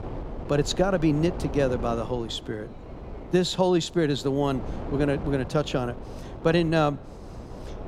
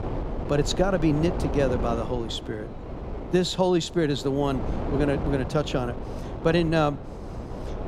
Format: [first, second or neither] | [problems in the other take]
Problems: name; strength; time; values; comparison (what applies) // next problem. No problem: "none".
first | wind noise on the microphone; heavy; 10 dB below the speech; occasional gusts in the first